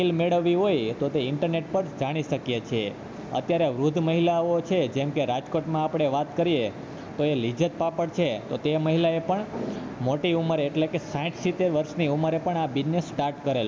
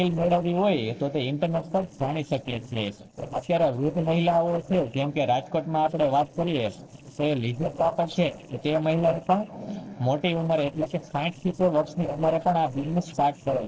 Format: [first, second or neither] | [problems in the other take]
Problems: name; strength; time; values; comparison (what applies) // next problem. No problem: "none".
first | noise reduction (neural separator model SepFormer DNS4)